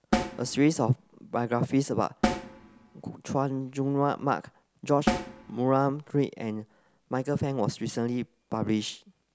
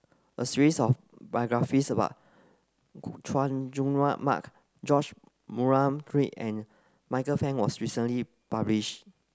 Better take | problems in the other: second | background sound (Snare drum); 6 dB below the speech

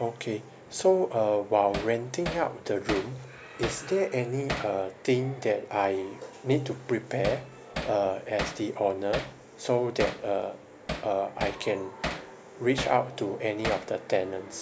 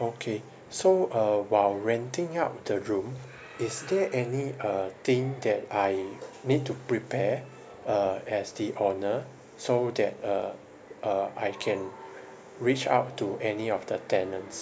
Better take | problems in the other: second | background sound (Hammer); 9 dB below the speech

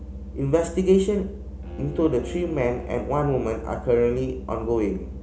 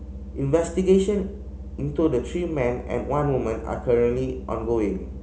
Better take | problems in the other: second | background sound (Bowed string instrument); 19 dB below the speech

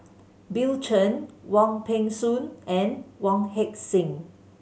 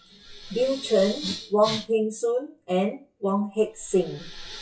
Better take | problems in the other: first | noise reduction (classical method WPE with log-MMSE)

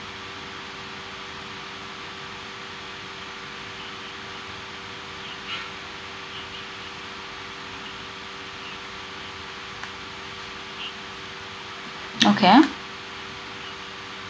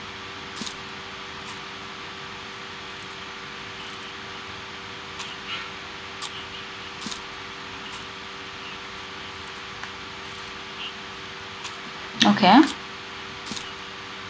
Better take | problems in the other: first | background sound (Chewing, mastication); 18 dB below the speech

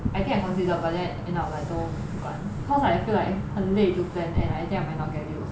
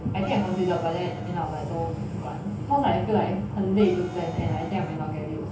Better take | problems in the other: first | background sound (Wind instrument, woodwind instrument); 17 dB below the speech // room echo; dies away in 0.3 s

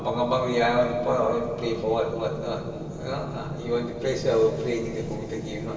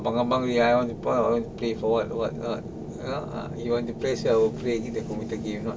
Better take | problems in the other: second | room echo; dies away in 1.9 s

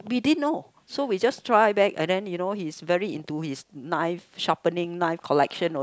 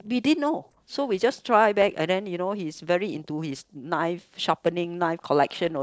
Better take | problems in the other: first | noise reduction (neural separator model SepFormer DNS4)

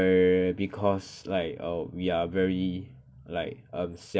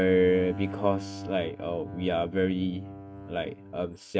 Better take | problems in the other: first | noise reduction (neural mask model RNNoise)

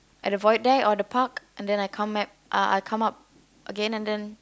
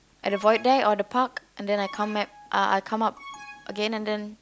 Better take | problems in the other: first | background sound (Alarm); 20 dB below the speech

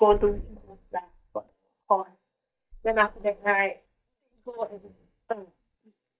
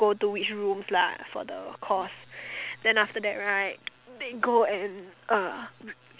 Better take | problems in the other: second | noise reduction (neural mask model DeepFilterNet 3)

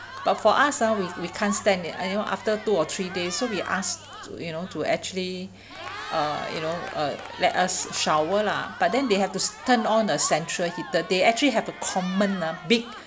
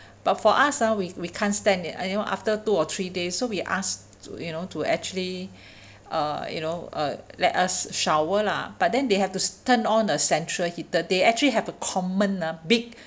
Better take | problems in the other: second | background sound (Cheering); 14 dB below the speech

